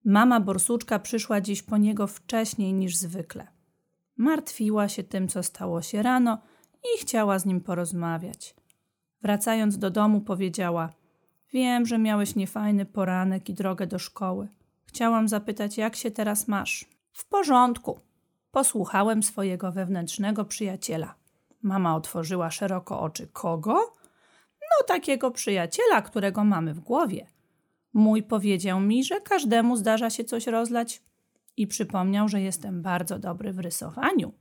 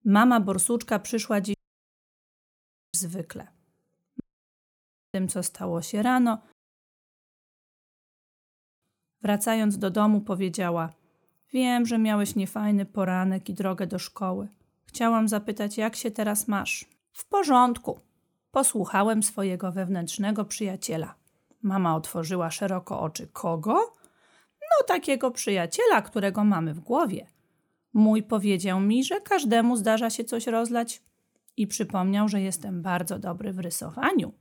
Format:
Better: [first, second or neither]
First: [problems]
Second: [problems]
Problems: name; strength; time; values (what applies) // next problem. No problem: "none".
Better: first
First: none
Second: audio cutting out; at 1.5 s for 1.5 s, at 4 s for 1 s and at 6.5 s for 2.5 s